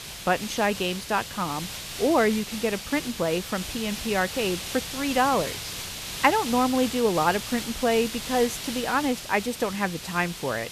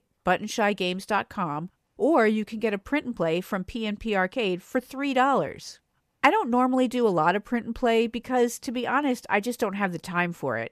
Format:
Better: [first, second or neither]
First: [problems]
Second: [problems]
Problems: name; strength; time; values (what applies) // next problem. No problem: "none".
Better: second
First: hiss; loud; throughout; 7 dB below the speech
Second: none